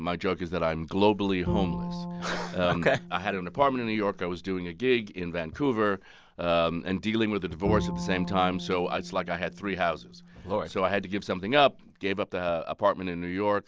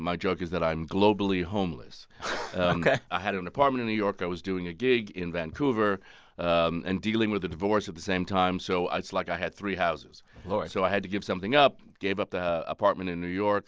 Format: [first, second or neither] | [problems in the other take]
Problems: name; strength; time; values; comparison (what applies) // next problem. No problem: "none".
second | background sound (Bowed string instrument); 11 dB below the speech